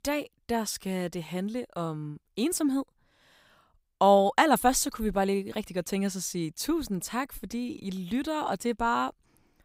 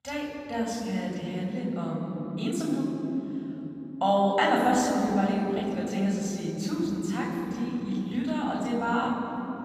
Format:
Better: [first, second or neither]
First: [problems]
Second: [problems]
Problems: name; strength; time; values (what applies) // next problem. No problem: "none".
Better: first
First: none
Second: room echo; strong; dies away in 3 s // off-mic speech; far